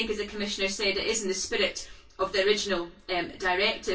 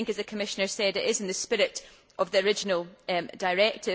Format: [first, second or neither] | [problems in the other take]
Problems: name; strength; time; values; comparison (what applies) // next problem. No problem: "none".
second | room echo; dies away in 0.1 s